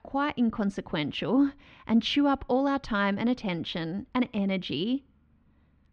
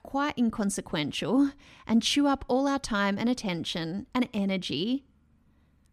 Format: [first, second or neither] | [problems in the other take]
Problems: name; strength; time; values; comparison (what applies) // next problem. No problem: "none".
second | muffled; slightly; fading above 3.5 kHz